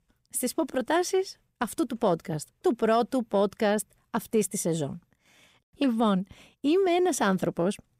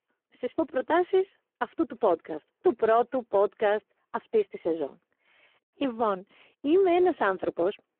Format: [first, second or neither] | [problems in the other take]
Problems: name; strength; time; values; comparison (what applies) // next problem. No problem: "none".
first | phone-call audio; poor line